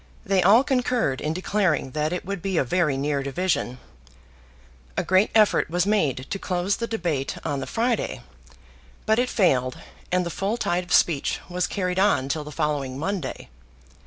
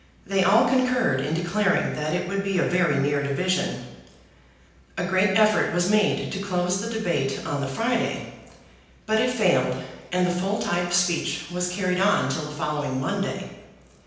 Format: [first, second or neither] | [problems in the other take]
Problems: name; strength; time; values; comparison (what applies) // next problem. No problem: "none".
first | room echo; dies away in 0.9 s